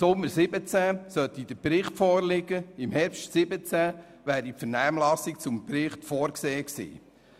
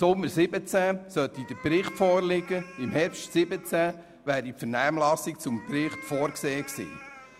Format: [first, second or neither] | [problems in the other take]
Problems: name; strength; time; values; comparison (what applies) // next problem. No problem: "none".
first | background sound (Meow); 19 dB below the speech